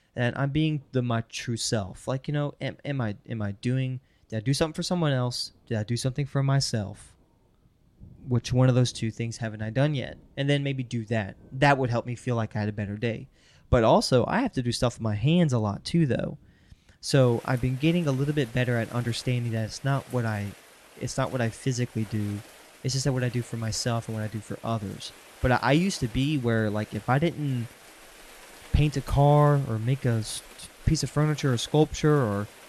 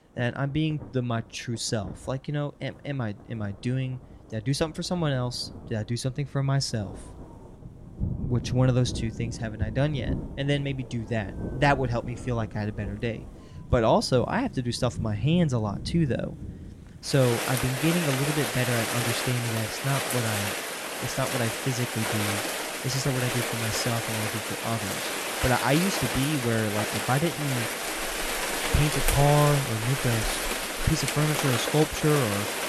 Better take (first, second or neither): first